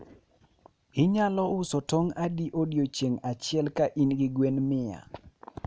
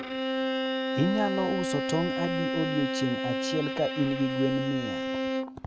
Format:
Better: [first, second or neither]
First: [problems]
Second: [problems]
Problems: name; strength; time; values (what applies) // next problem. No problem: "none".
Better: first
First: none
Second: background sound (Bowed string instrument); as loud as the speech